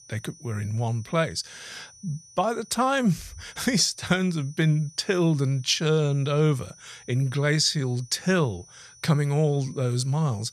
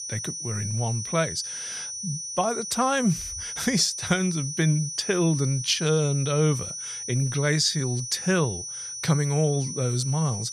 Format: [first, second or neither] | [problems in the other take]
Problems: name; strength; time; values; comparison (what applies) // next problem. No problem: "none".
first | high-pitched whine; loud; throughout; 6 kHz, 6 dB below the speech; faint in the first